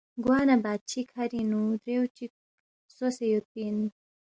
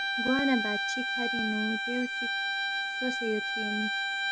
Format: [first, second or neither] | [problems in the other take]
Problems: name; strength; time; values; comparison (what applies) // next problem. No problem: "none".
first | background sound (Bowed string instrument); 2 dB above the speech